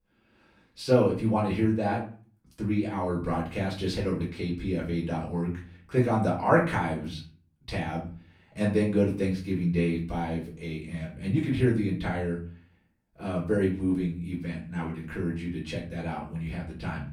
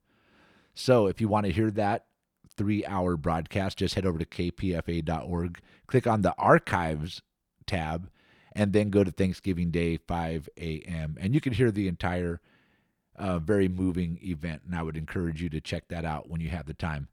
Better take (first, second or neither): second